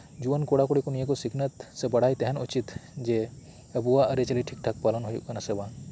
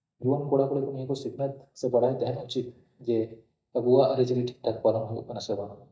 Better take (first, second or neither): first